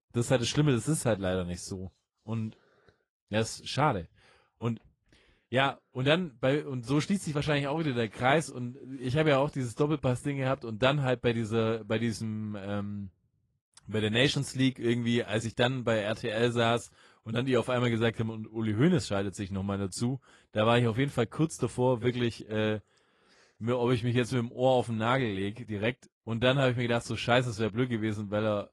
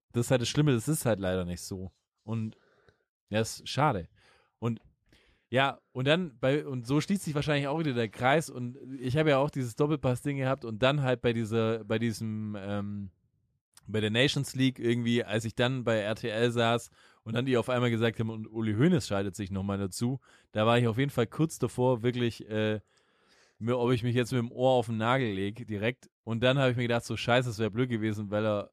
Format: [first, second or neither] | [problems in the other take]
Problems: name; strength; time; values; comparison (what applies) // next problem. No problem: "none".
second | garbled, watery; slightly